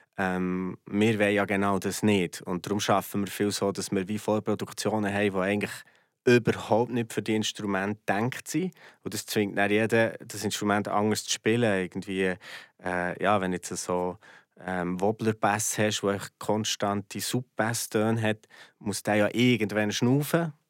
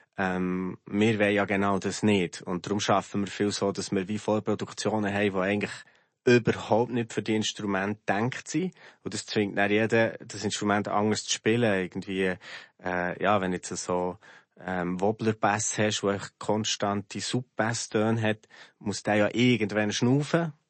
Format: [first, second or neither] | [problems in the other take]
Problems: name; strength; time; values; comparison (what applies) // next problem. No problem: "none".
first | garbled, watery; slightly; nothing above 8 kHz